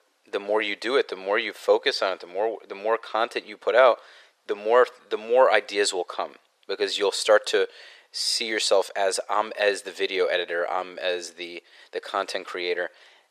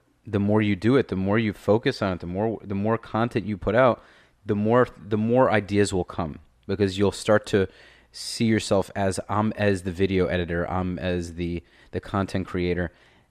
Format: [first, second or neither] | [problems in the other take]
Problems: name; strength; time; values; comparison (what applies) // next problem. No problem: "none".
second | thin; very; fading below 450 Hz